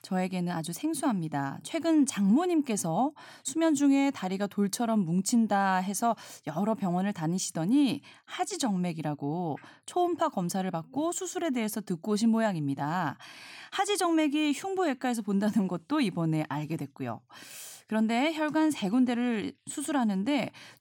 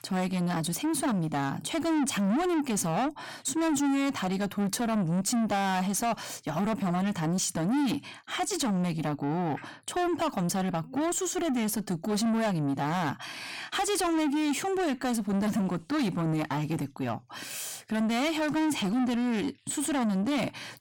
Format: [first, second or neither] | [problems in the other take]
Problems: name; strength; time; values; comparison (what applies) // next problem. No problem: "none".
first | distortion; heavy; 7 dB below the speech